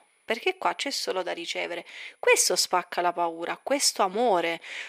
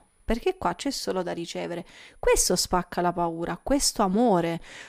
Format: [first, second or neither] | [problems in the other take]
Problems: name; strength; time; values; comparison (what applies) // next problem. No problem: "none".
second | thin; somewhat; fading below 450 Hz